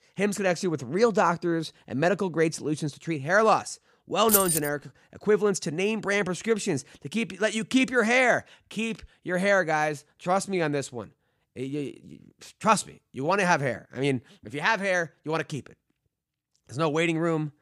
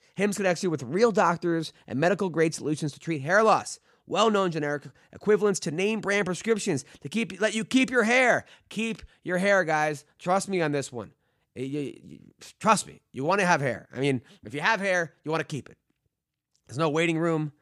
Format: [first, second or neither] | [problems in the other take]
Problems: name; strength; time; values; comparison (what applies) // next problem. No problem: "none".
second | jangling keys; loud; at 4.5 s; peak 4 dB above the speech